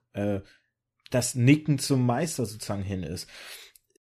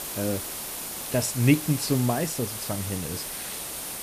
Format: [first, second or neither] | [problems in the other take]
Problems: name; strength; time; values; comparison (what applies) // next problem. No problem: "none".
first | hiss; loud; throughout; 5 dB below the speech